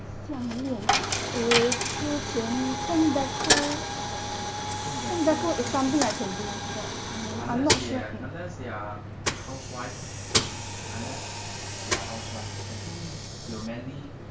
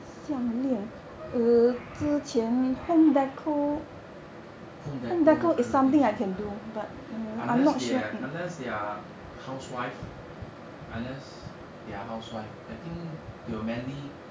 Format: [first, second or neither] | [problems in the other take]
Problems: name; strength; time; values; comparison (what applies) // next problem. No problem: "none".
second | background sound (Coin (dropping)); as loud as the speech